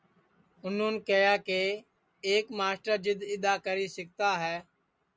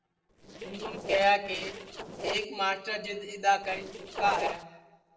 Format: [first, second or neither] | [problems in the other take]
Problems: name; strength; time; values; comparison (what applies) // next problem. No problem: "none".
first | noise reduction (neural separator model SepFormer DNS4)